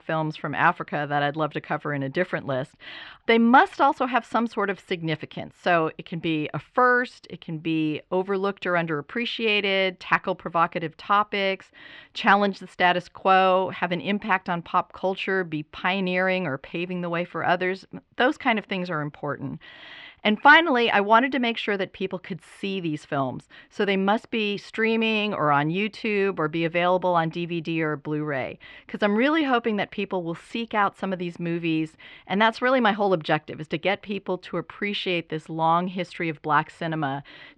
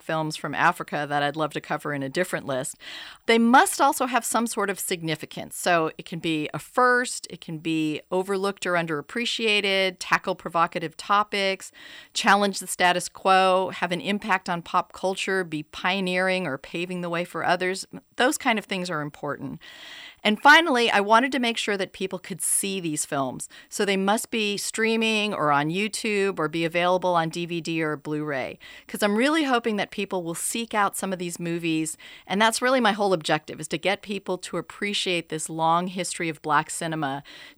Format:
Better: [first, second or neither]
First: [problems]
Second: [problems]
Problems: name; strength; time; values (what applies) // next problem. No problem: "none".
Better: second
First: muffled; slightly; fading above 3 kHz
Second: none